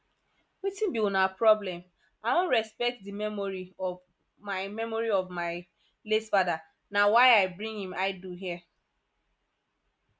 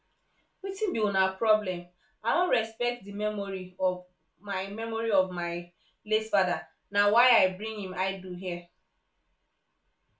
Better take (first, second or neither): first